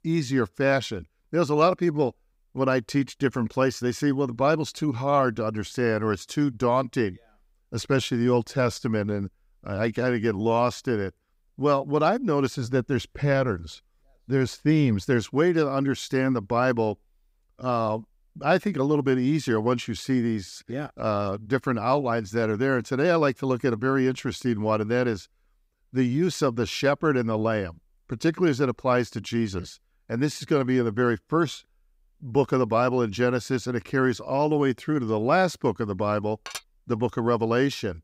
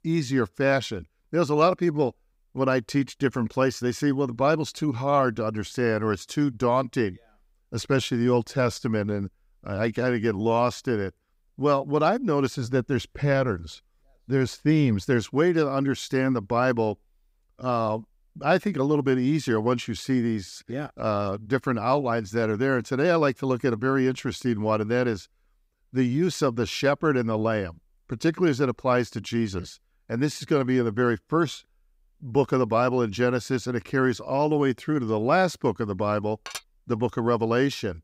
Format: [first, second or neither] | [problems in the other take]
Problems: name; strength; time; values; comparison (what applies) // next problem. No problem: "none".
neither | clattering dishes; faint; at 36 s; peak 10 dB below the speech; the same in both